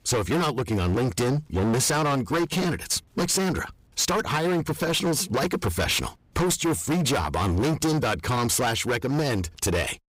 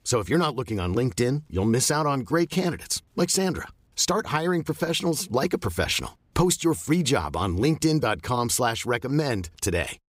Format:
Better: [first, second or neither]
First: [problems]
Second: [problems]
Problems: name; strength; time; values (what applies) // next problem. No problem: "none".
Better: second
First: distortion; heavy; 24% of the sound clipped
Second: none